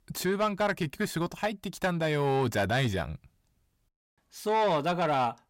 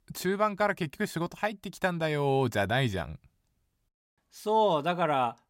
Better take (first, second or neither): second